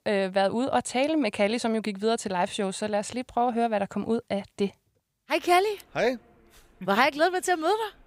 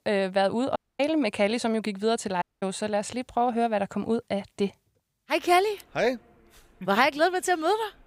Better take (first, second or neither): first